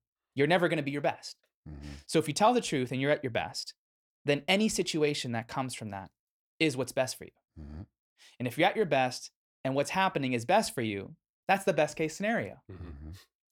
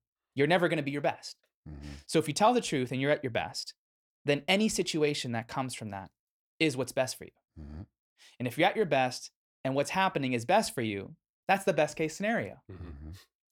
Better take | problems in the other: neither | none

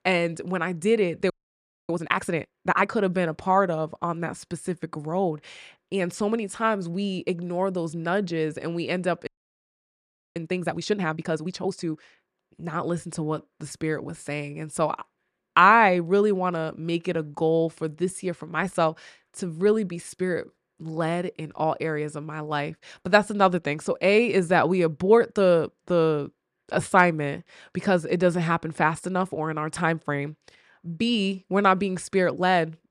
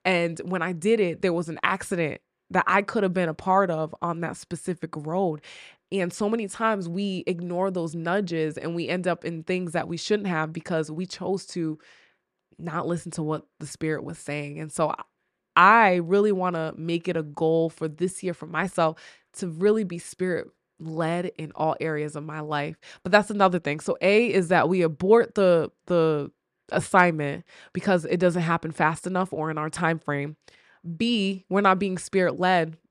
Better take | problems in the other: second | audio freezing; at 1.5 s for 0.5 s and at 9.5 s for 1 s

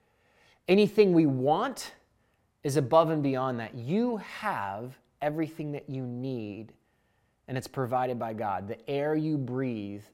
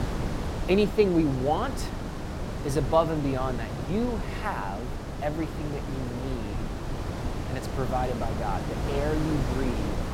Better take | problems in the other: first | wind noise on the microphone; heavy; 7 dB below the speech

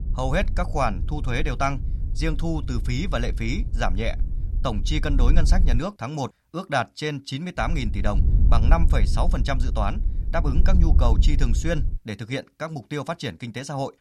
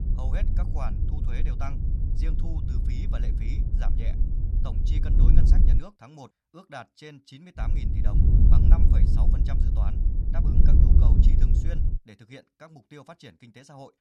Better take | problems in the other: first | wind noise on the microphone; heavy; until 6 s and from 7.5 to 12 s; 3 dB above the speech; occasional gusts in the first

